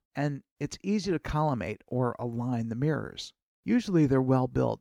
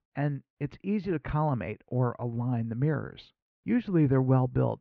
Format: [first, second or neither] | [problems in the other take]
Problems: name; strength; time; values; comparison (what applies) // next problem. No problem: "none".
first | muffled; very; fading above 3 kHz